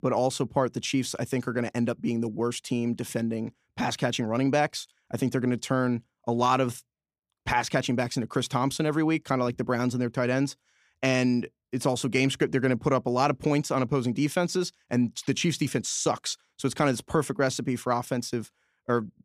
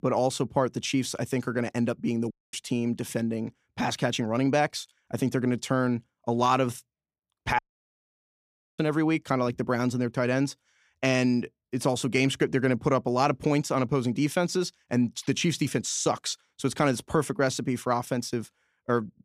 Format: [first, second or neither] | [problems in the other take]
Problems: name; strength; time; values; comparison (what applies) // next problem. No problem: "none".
first | audio cutting out; at 2.5 s and at 7.5 s for 1 s